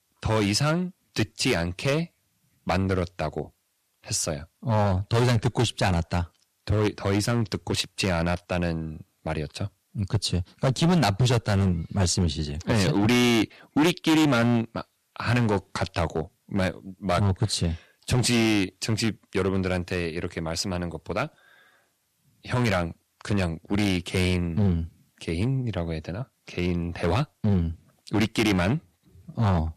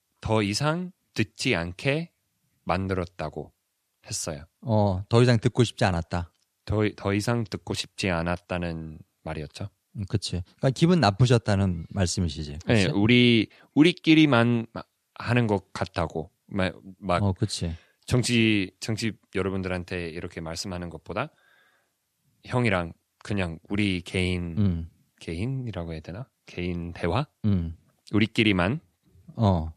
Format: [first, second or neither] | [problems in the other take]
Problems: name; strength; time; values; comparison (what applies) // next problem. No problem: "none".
second | distortion; heavy; 8% of the sound clipped